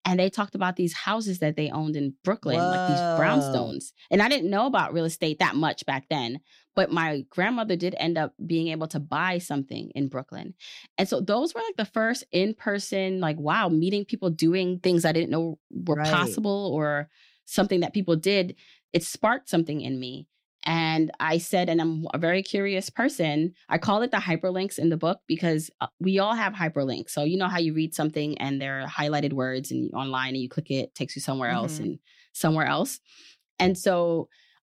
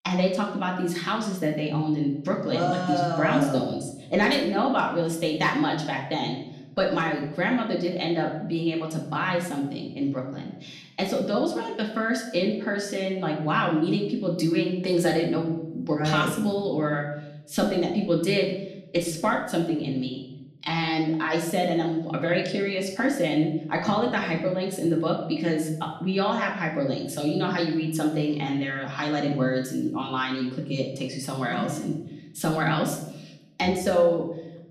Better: first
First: none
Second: room echo; slight; dies away in 0.7 s // off-mic speech; far

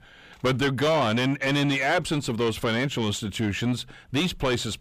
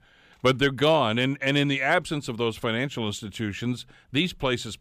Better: second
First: distortion; heavy; 7 dB below the speech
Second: none

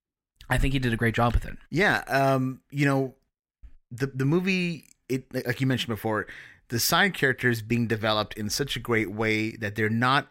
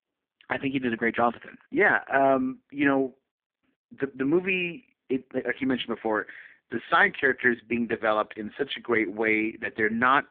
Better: first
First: none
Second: phone-call audio; poor line; nothing above 3.5 kHz

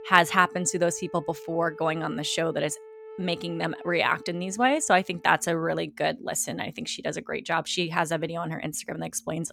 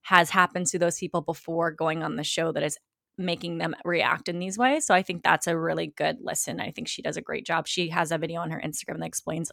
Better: second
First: background music; noticeable; throughout; 20 dB below the speech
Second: none

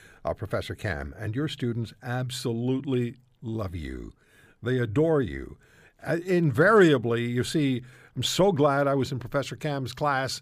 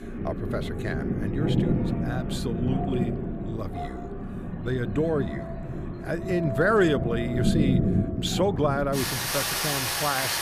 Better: first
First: none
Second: rain or running water; very loud; throughout; as loud as the speech

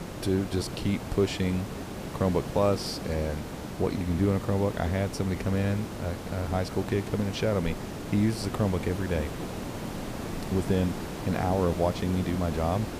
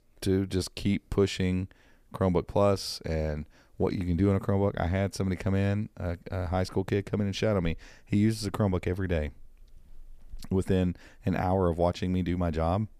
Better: second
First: hiss; loud; throughout; 8 dB below the speech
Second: none

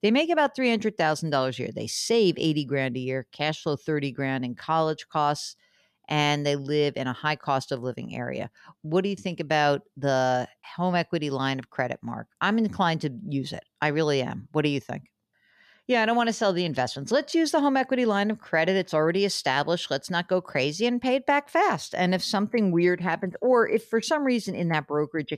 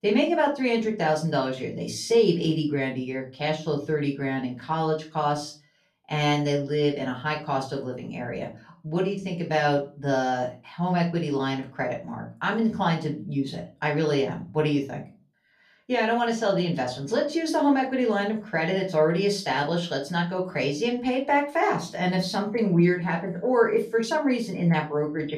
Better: first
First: none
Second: off-mic speech; far // room echo; very slight; dies away in 0.3 s

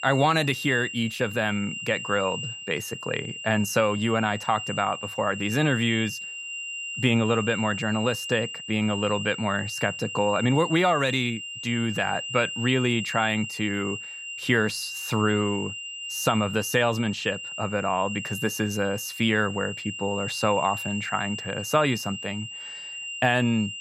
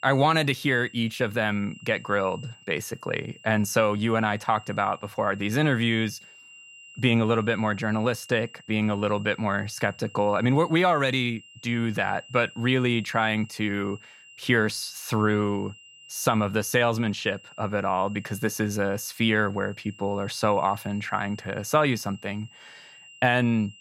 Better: second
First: high-pitched whine; loud; throughout; 3 kHz, 7 dB below the speech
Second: high-pitched whine; faint; throughout; 3 kHz, 20 dB below the speech

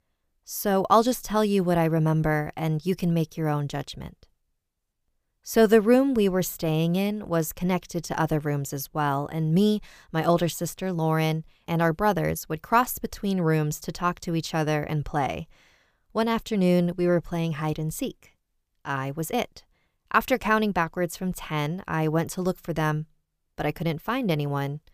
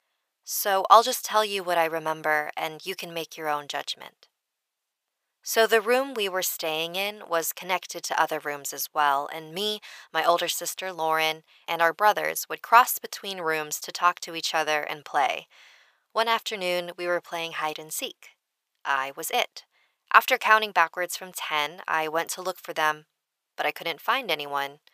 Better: first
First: none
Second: thin; very; fading below 800 Hz

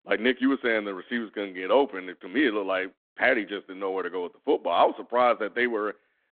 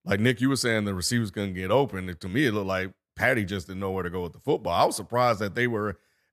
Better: second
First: phone-call audio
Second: none

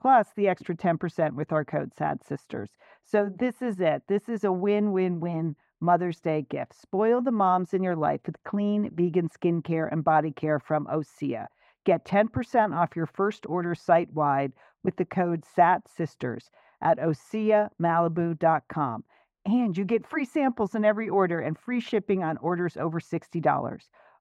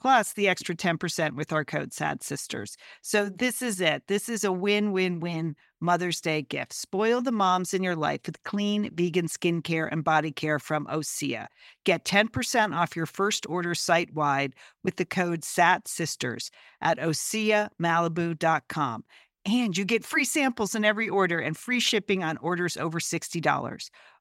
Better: second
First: muffled; very; fading above 2.5 kHz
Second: none

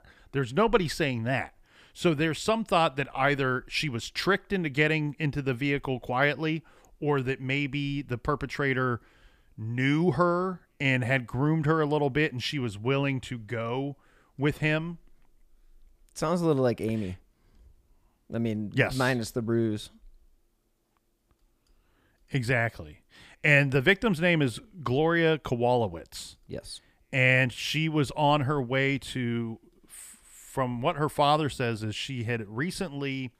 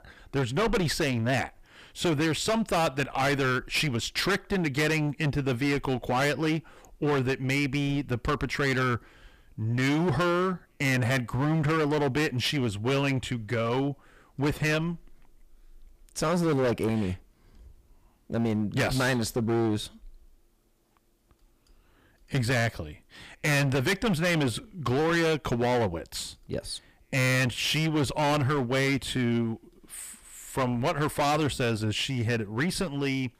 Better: first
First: none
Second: distortion; heavy; 16% of the sound clipped

